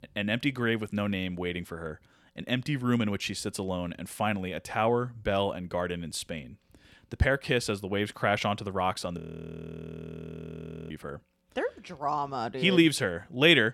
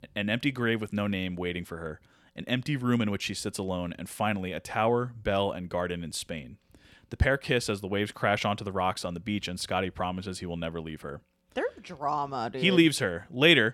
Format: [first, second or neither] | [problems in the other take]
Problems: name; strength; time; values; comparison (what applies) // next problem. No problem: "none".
second | audio freezing; at 9 s for 1.5 s